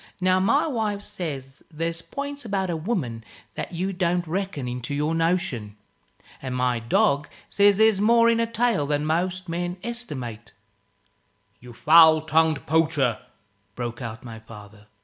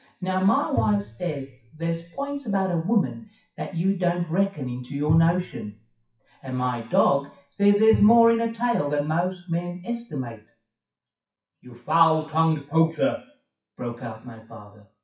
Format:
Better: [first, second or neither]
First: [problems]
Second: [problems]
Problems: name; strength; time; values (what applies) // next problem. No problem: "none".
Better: first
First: none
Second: noise reduction (classical method WPE with log-MMSE)